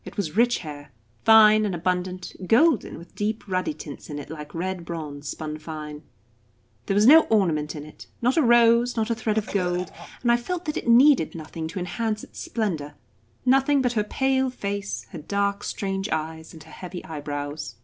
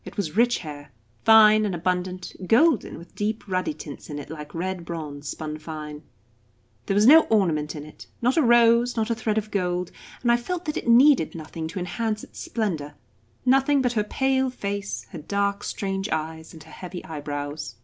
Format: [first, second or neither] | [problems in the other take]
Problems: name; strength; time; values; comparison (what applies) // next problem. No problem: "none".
second | background sound (Cough); 13 dB below the speech